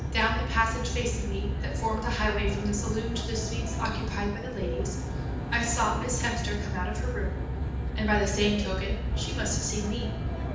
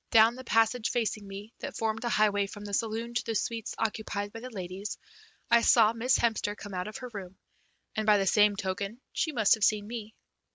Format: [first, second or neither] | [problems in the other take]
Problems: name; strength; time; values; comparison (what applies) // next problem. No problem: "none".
second | background sound (Aircraft); 1 dB above the speech // room echo; dies away in 0.8 s